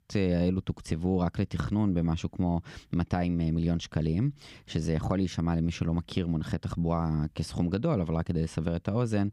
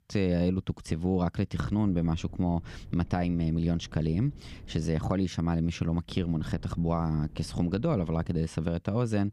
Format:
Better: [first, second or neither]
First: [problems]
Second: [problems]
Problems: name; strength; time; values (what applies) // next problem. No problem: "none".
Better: first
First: none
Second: wind noise on the microphone; occasional gusts; from 1.5 to 5 s and from 6 to 8.5 s; 25 dB below the speech